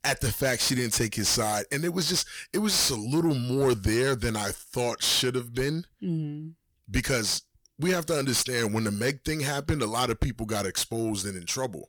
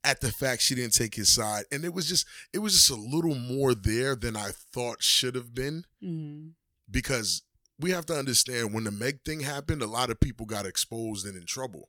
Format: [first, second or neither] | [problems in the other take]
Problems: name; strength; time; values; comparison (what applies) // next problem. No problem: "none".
second | distortion; heavy; 6 dB below the speech